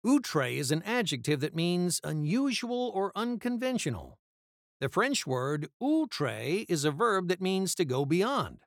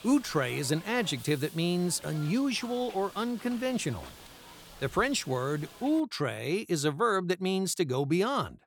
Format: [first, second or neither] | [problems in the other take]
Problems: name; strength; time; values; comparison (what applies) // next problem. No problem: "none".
first | hiss; noticeable; until 6 s; 20 dB below the speech